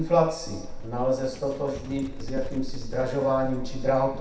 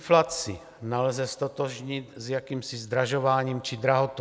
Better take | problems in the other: second | background sound (Livestock, farm animals, working animals); 7 dB below the speech // room echo; dies away in 0.7 s

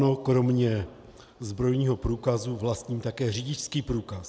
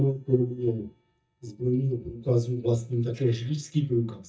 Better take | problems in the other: first | noise reduction (neural mask model DeepFilterNet 3)

